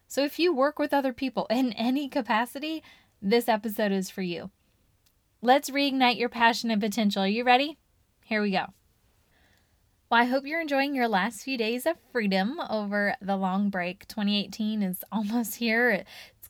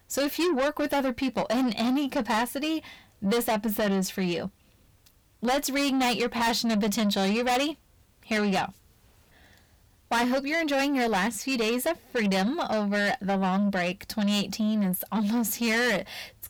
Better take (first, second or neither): first